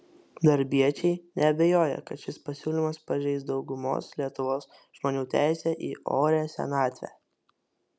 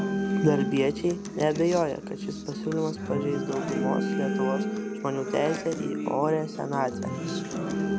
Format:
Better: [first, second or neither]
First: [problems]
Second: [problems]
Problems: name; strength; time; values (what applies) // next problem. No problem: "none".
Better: first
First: none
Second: background sound (Acoustic guitar + Organ); 2 dB below the speech